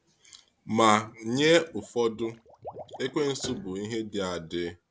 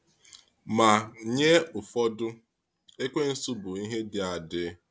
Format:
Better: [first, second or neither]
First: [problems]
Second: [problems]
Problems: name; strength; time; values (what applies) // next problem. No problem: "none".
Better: second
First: background sound (Liquid + Piano); 19 dB below the speech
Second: none